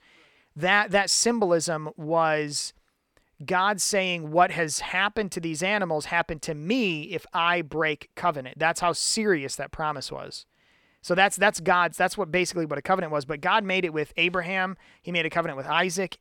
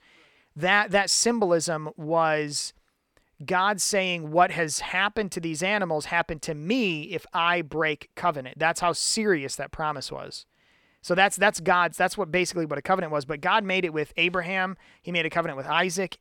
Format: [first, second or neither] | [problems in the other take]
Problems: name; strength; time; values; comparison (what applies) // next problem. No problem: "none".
neither | none